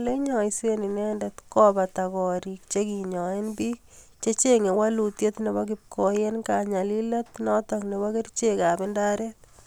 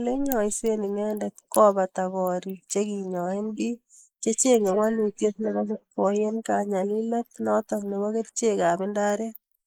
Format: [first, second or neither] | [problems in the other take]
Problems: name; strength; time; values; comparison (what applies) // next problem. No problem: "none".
first | noise reduction (neural mask model Resemble Enhance denoiser)